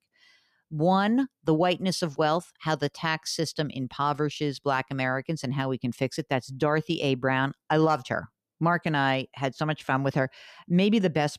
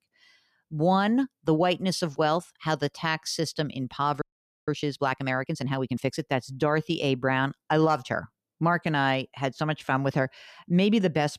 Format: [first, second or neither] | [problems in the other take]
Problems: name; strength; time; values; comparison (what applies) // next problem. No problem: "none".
first | audio freezing; at 4 s